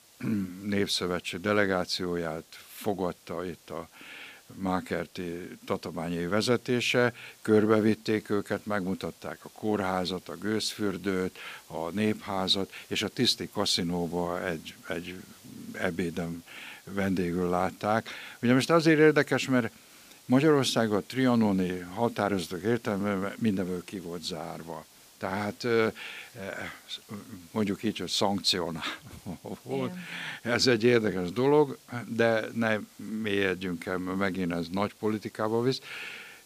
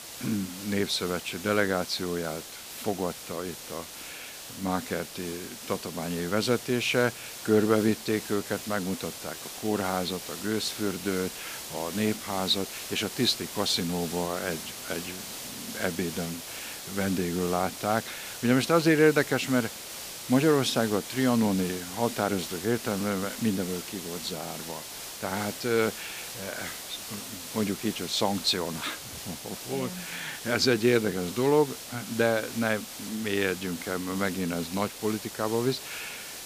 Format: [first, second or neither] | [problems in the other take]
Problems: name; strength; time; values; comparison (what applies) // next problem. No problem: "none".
first | hiss; loud; throughout; 9 dB below the speech; faint in the first